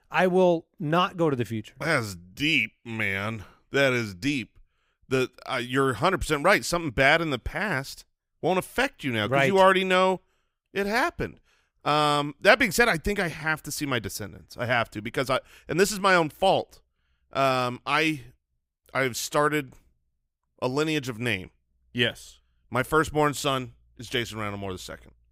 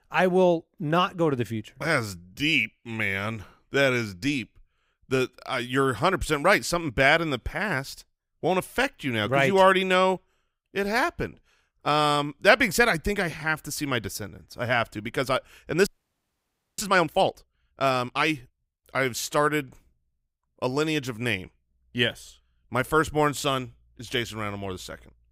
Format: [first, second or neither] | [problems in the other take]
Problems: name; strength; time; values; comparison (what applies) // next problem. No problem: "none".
first | audio freezing; at 16 s for 1 s